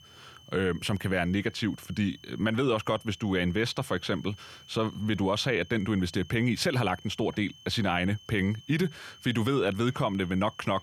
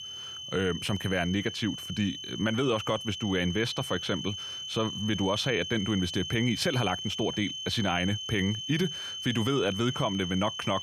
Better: first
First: high-pitched whine; faint; throughout; 3 kHz, 20 dB below the speech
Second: high-pitched whine; loud; throughout; 3 kHz, 6 dB below the speech

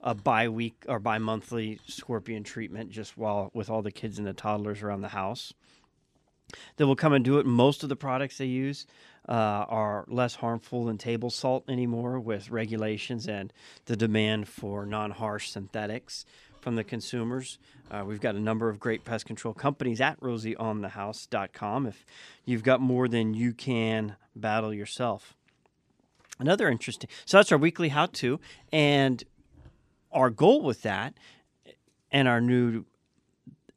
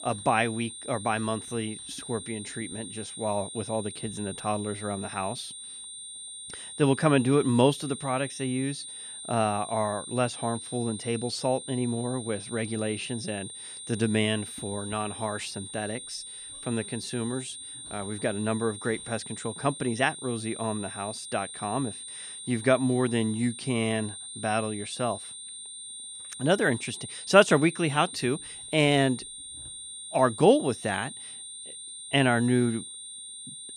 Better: first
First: none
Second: high-pitched whine; noticeable; throughout; 9 kHz, 10 dB below the speech

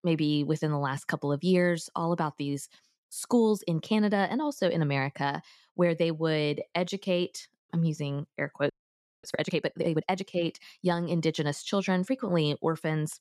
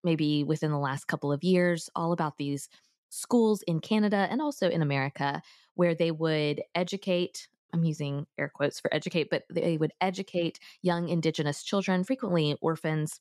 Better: second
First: audio freezing; at 8.5 s for 0.5 s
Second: none

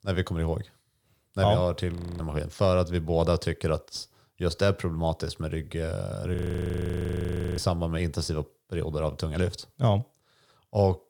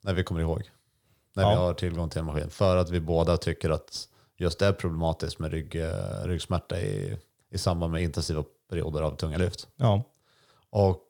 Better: second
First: audio freezing; at 2 s and at 6.5 s for 1 s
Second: none

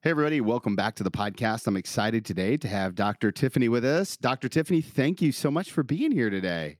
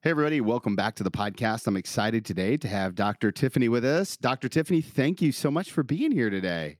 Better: neither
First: none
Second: none

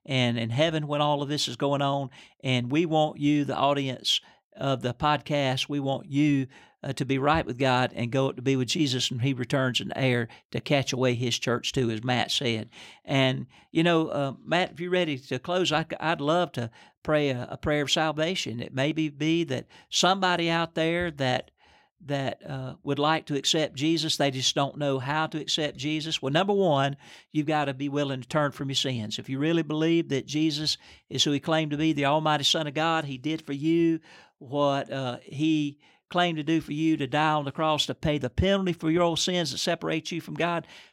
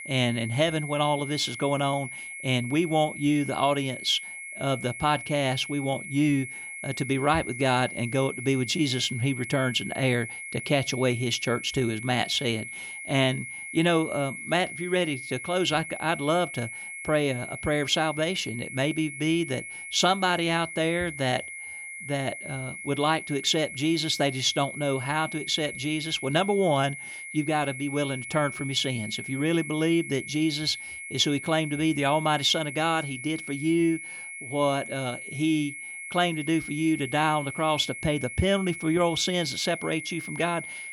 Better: first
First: none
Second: high-pitched whine; loud; throughout; 2 kHz, 9 dB below the speech

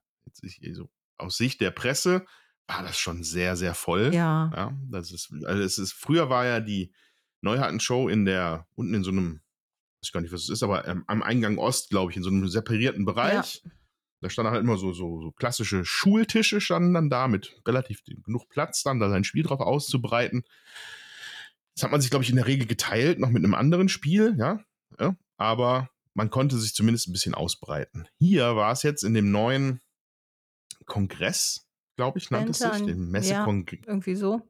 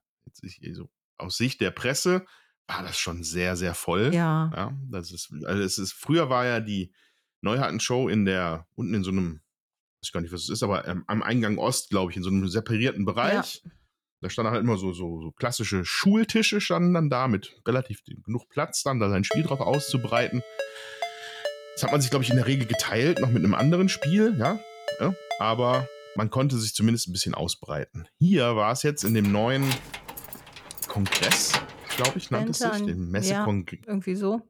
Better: first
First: none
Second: phone ringing; noticeable; from 19 to 26 s; peak 7 dB below the speech // jangling keys; loud; from 29 to 32 s; peak 3 dB above the speech

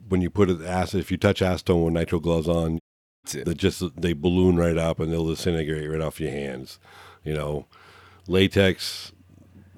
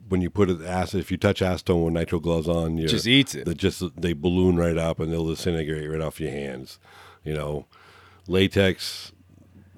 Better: second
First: audio cutting out; at 3 s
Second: none

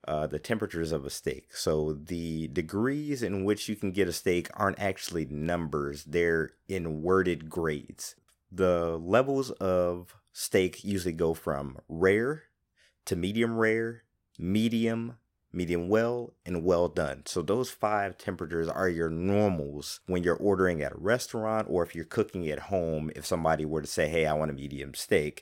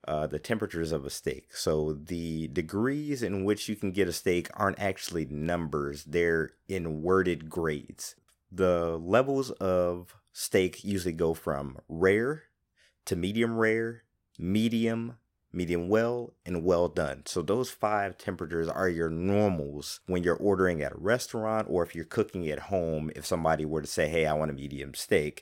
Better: neither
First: none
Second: none

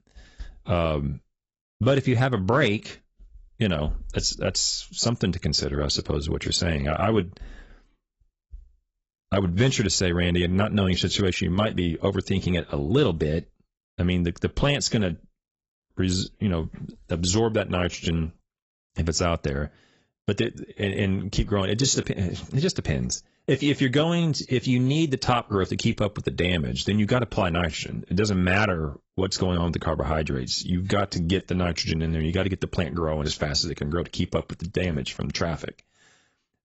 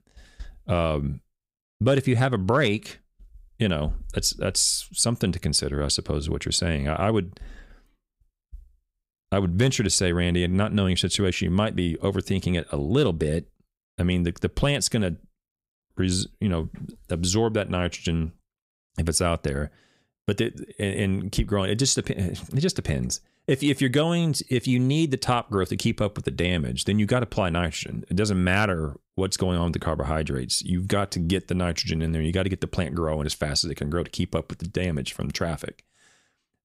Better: second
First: garbled, watery; badly; nothing above 8 kHz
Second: none

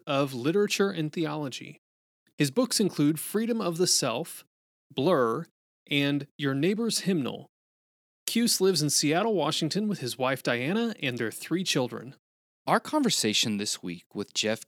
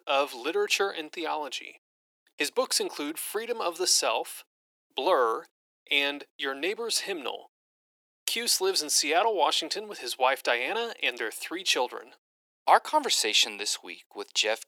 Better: first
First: none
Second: thin; very; fading below 400 Hz

